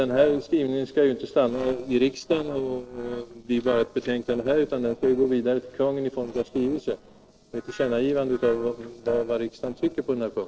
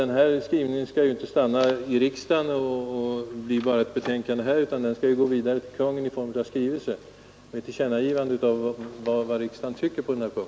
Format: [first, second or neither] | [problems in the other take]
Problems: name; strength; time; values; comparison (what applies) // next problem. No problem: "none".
second | noise reduction (neural separator model SepFormer DNS4)